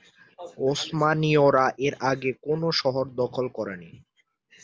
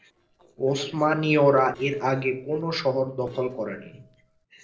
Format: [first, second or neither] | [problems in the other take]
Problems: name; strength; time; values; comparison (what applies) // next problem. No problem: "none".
first | noise reduction (neural separator model SepFormer DNS4)